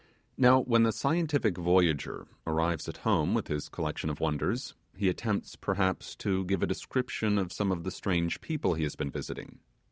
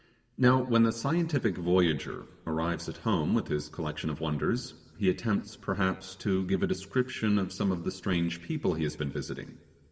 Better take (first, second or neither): first